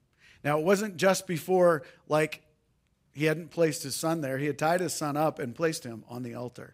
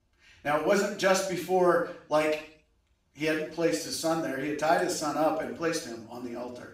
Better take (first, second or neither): first